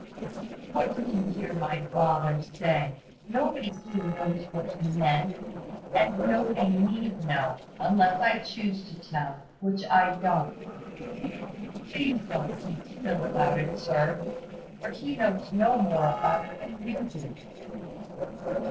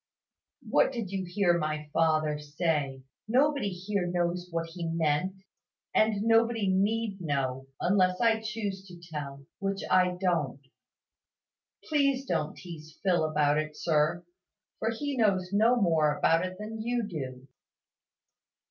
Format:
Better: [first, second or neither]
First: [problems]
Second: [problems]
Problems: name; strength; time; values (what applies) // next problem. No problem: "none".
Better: second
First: noise reduction (neural separator model SepFormer DNS4)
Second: none